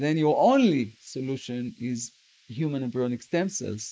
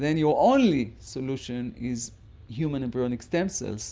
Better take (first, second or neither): second